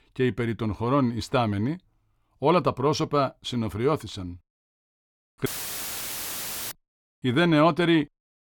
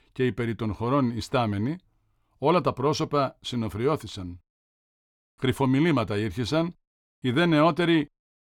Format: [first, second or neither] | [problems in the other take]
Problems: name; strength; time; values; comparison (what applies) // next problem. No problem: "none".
second | audio cutting out; filled with static; at 5.5 s for 1.5 s